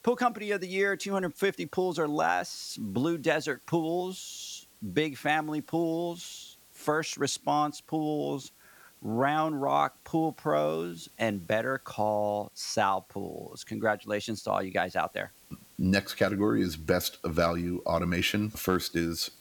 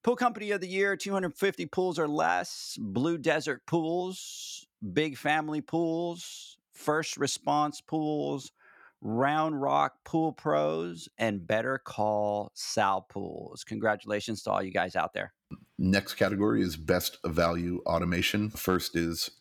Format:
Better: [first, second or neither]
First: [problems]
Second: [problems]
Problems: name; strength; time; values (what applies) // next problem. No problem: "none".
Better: second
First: hiss; faint; throughout; 25 dB below the speech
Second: none